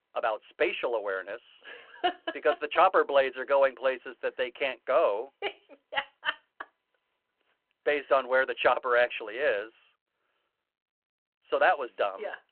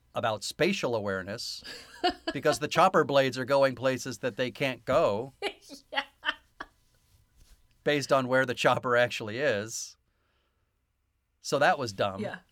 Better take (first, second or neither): second